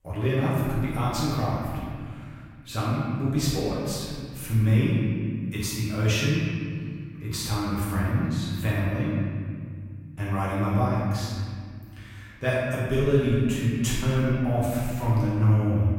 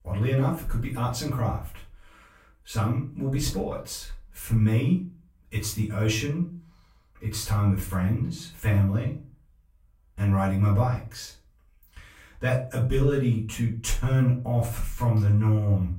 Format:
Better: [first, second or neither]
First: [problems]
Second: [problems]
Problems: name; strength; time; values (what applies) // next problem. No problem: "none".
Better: second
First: room echo; strong; dies away in 2.1 s // off-mic speech; far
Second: room echo; slight; dies away in 0.3 s // off-mic speech; far